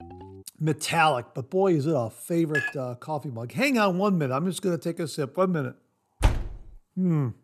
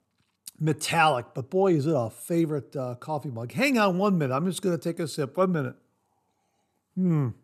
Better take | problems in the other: second | phone ringing; faint; at the start; peak 20 dB below the speech // clattering dishes; noticeable; at 2.5 s; peak 3 dB below the speech // door banging; noticeable; at 6 s; peak 1 dB below the speech

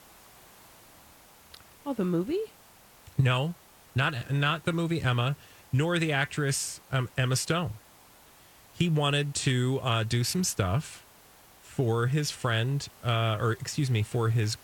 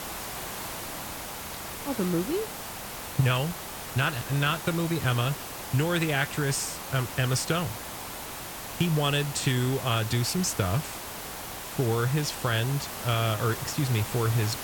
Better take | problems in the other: first | hiss; loud; throughout; 8 dB below the speech; faint in the first

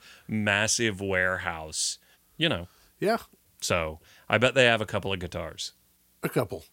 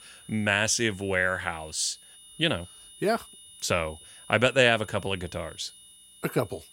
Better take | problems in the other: first | high-pitched whine; faint; throughout; 9.5 kHz, 20 dB below the speech

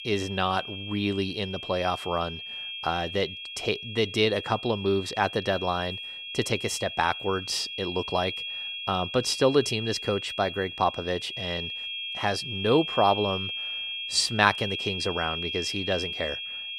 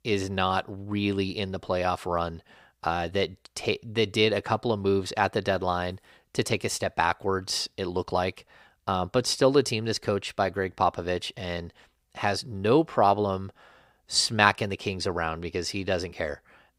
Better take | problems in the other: second | high-pitched whine; loud; throughout; 3.5 kHz, 6 dB below the speech

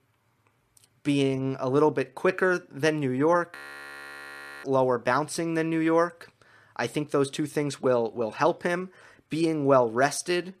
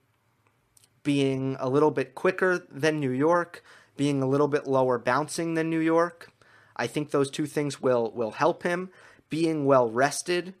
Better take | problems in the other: second | audio freezing; at 3.5 s for 1 s

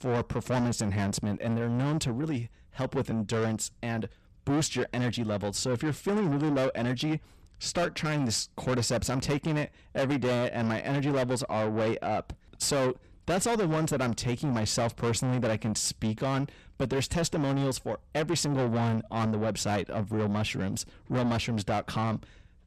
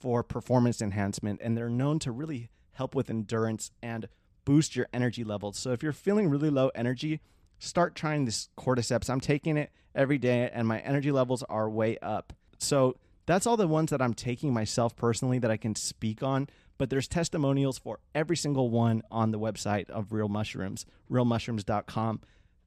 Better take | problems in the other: second | distortion; heavy; 7 dB below the speech

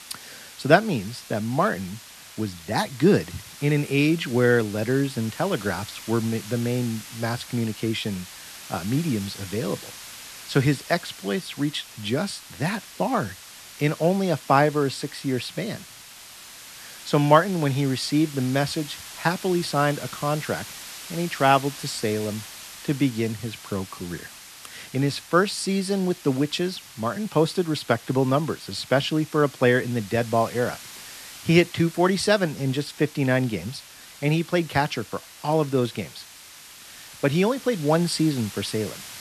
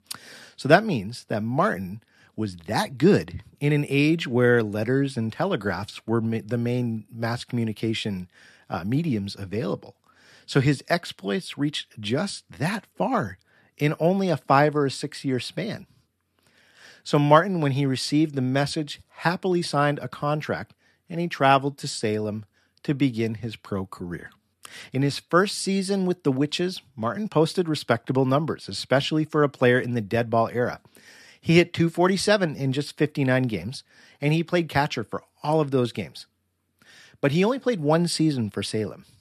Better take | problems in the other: second | hiss; noticeable; throughout; 15 dB below the speech

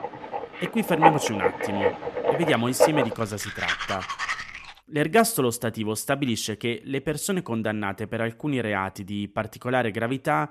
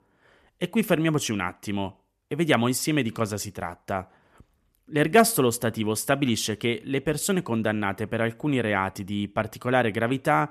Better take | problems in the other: second | household noises; very loud; until 4.5 s; 1 dB above the speech

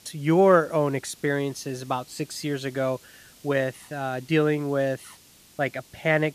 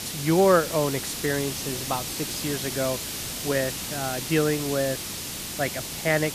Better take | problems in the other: first | hiss; loud; throughout; 4 dB below the speech; faint in the first

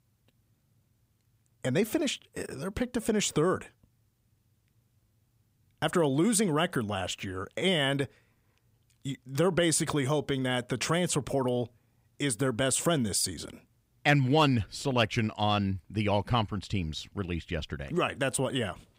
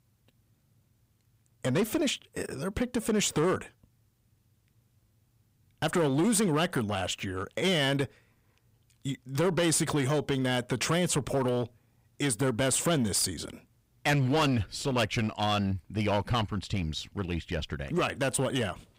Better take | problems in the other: first | distortion; slight; 7% of the sound clipped

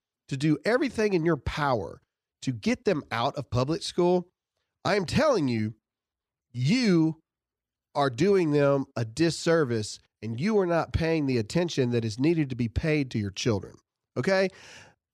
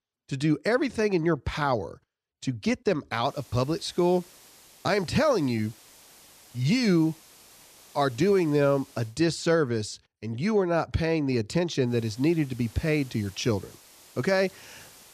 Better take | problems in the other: first | hiss; faint; from 3.5 to 9 s and from 12 s on; 25 dB below the speech

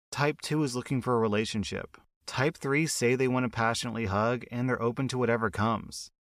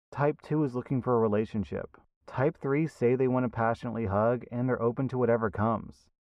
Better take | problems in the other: first | muffled; very; fading above 2.5 kHz

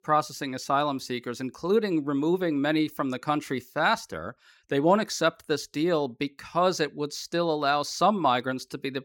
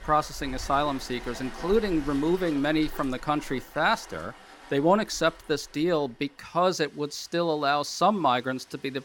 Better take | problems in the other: first | rain or running water; noticeable; throughout; 15 dB below the speech

